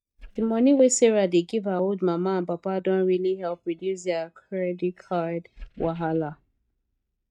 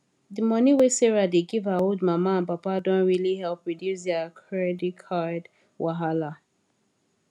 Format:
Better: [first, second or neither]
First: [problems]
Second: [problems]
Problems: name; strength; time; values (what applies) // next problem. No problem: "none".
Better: second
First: noise reduction (neural mask model DeepFilterNet 3)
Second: none